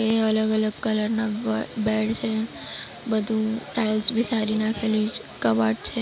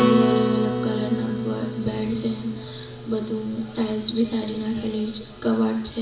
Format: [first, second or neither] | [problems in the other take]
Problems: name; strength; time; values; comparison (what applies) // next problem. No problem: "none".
first | background sound (Acoustic guitar); 2 dB below the speech // room echo; dies away in 0.8 s